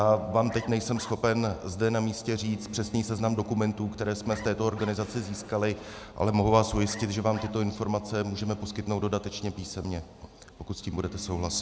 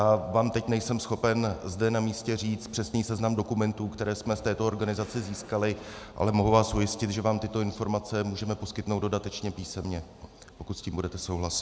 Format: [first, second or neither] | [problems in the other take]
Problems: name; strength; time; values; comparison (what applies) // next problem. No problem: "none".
second | background sound (Bark + Bowed string instrument); 15 dB below the speech